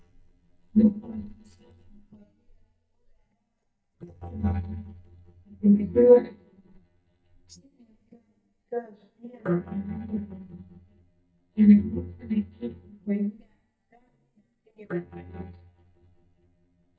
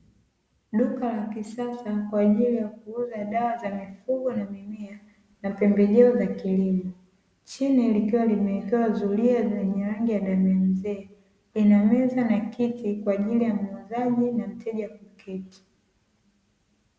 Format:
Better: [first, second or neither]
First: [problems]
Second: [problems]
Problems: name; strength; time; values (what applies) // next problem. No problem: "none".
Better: second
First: noise reduction (neural mask model DeepFilterNet 3)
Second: none